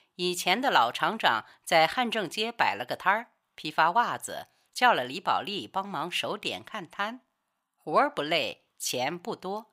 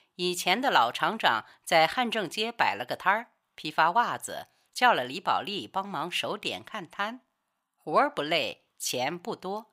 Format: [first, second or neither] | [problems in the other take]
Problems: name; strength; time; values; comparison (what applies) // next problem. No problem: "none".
neither | thin; somewhat; fading below 1 kHz; the same in both